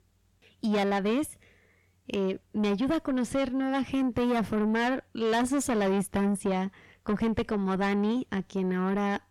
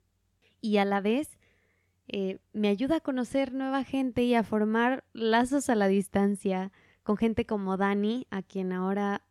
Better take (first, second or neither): second